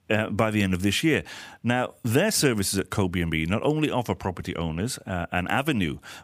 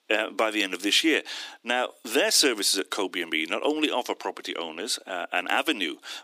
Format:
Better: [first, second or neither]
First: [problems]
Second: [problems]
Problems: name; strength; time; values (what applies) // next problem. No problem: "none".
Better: first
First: none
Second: thin; somewhat; fading below 300 Hz